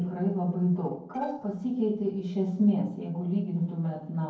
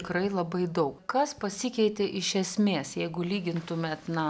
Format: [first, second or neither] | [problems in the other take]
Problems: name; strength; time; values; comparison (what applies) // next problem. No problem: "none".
second | noise reduction (neural separator model SepFormer DNS4)